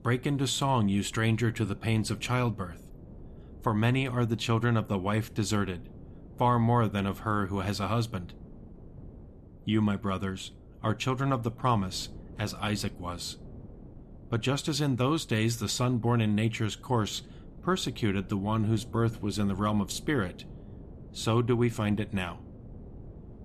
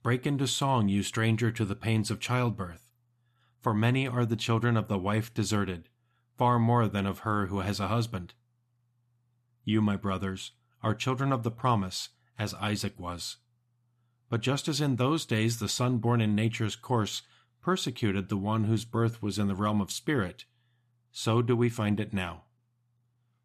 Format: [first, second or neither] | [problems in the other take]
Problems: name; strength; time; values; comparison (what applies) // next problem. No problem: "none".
second | wind noise on the microphone; occasional gusts; 25 dB below the speech